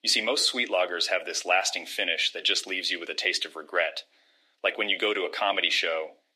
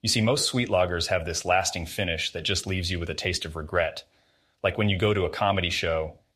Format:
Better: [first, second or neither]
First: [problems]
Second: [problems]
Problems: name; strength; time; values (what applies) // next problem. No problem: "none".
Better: second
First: thin; somewhat; fading below 300 Hz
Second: none